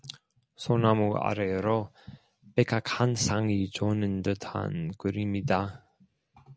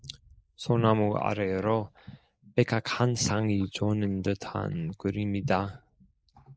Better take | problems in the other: first | noise reduction (neural mask model Resemble Enhance denoiser)

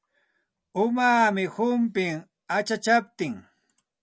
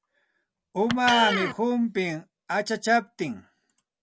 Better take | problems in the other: first | background sound (Electric guitar); 7 dB below the speech

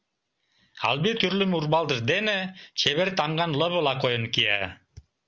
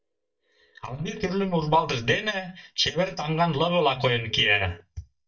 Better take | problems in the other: first | noise reduction (neural mask model DeepFilterNet 3)

